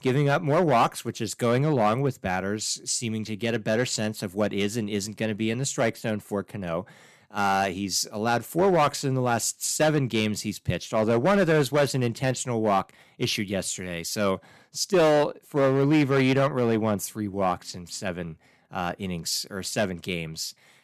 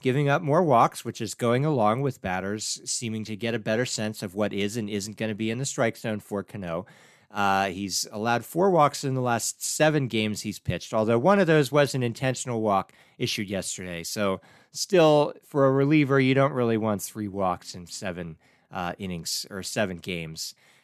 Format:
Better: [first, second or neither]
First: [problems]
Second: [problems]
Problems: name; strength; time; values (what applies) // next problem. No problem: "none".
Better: second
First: distortion; slight; 4% of the sound clipped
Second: none